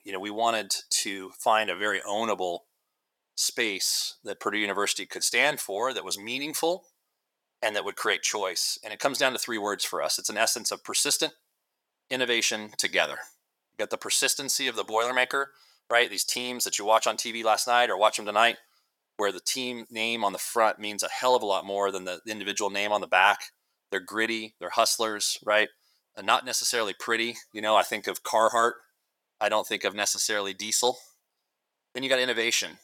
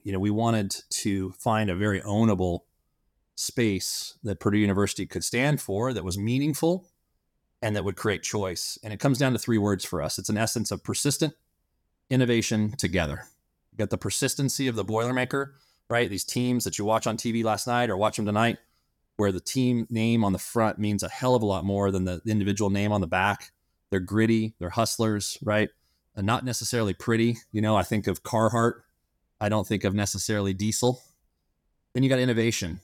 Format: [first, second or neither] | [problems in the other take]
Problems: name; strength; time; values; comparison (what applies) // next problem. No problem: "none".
second | thin; very; fading below 700 Hz